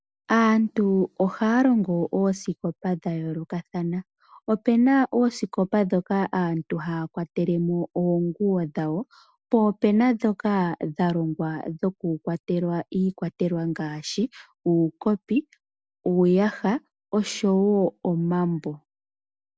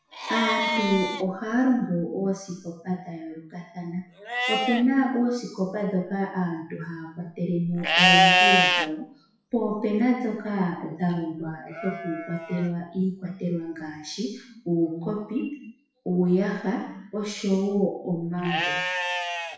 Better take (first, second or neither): first